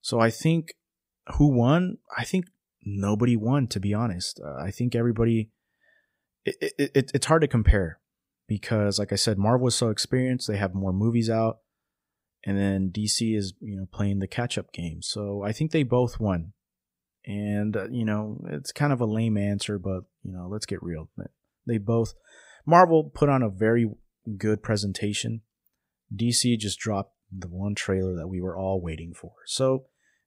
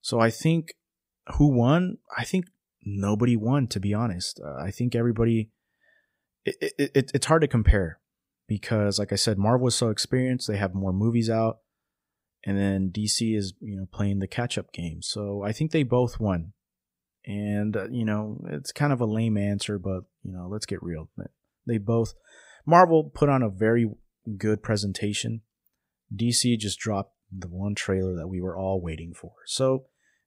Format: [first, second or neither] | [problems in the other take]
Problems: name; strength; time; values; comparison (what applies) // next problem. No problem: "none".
neither | none